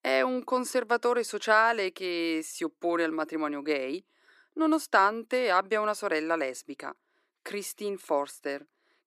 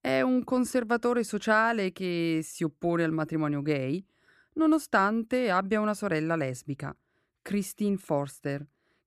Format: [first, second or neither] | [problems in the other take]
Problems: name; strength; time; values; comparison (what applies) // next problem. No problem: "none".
second | thin; somewhat; fading below 300 Hz